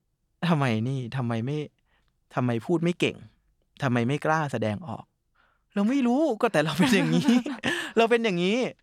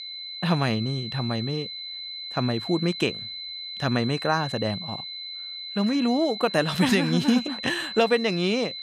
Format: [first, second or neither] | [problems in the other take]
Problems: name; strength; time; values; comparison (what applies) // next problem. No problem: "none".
first | high-pitched whine; loud; throughout; 4 kHz, 8 dB below the speech